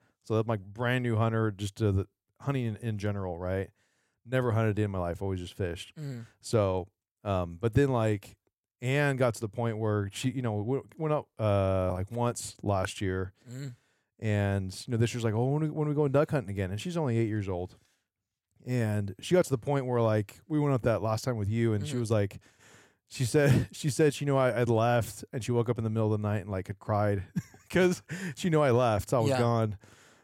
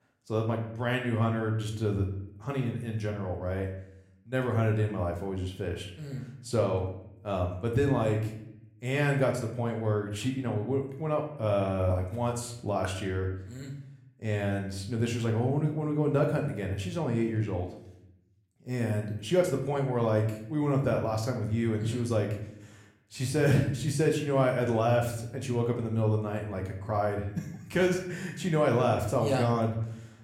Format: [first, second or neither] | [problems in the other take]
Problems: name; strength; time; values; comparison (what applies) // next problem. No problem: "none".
first | room echo; slight; dies away in 0.6 s // off-mic speech; somewhat distant